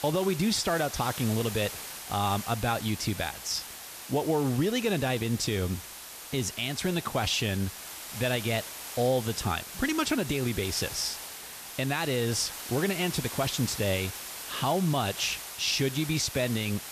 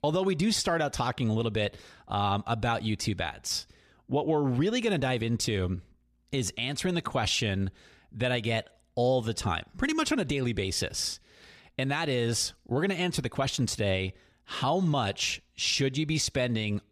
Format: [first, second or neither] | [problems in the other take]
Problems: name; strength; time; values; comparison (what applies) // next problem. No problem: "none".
second | hiss; loud; throughout; 9 dB below the speech